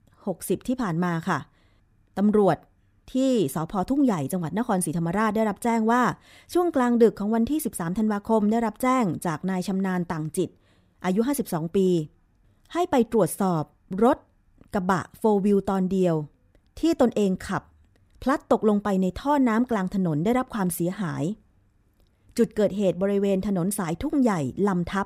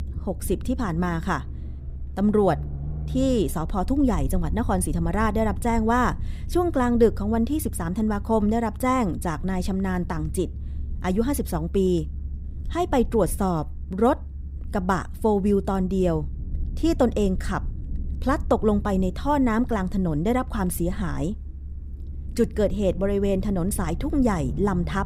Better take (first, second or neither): first